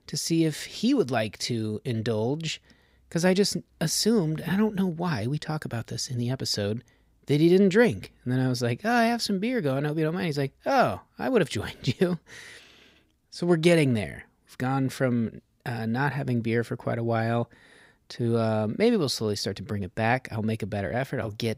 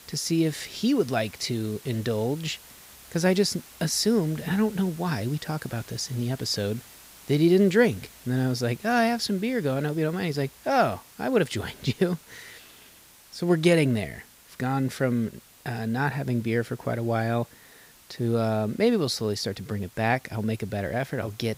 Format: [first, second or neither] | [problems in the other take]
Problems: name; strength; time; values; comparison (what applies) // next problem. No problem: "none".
first | hiss; faint; throughout; 20 dB below the speech